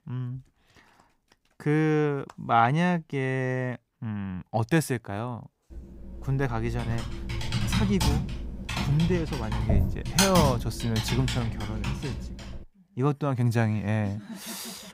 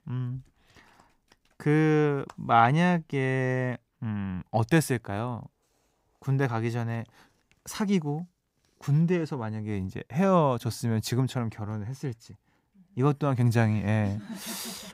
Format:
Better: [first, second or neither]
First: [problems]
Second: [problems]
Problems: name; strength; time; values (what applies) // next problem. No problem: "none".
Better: second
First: keyboard typing; loud; from 6 to 13 s; peak 5 dB above the speech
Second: none